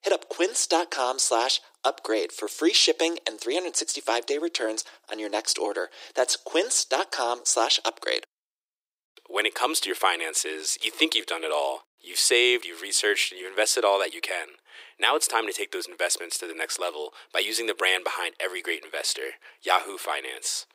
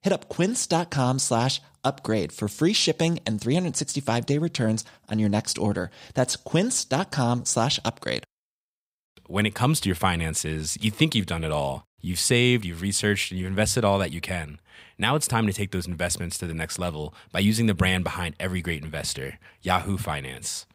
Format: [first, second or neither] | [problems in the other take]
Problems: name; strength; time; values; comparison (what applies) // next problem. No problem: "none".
second | thin; very; fading below 350 Hz